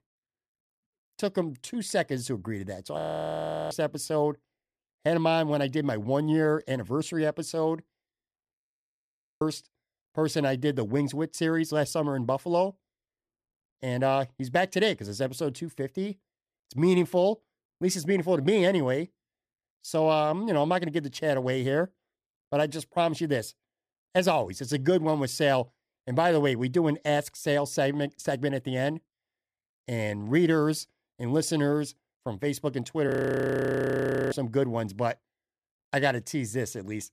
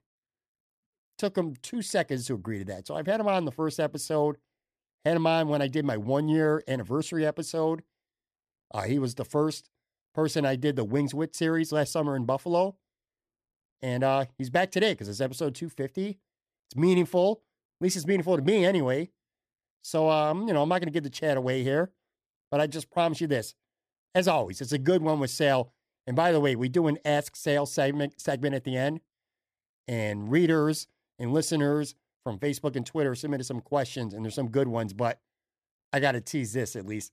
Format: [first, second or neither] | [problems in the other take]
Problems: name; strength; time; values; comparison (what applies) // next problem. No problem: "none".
second | audio freezing; at 3 s for 0.5 s, at 8.5 s for 1 s and at 33 s for 1 s